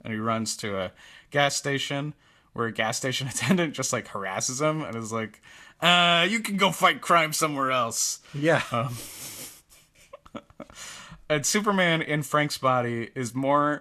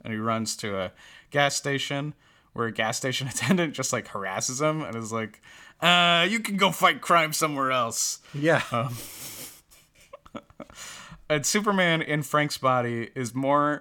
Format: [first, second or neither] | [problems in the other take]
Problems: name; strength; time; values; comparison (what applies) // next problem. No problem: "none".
second | garbled, watery; slightly; nothing above 13 kHz